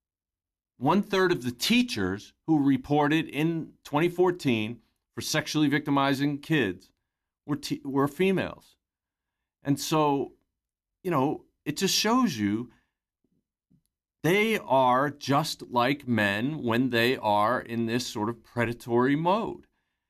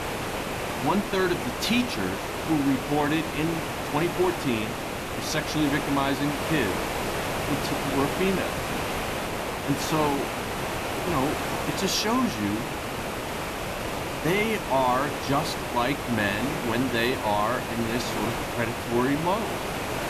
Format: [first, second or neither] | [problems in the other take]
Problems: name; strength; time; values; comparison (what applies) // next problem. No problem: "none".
first | hiss; loud; throughout; 2 dB below the speech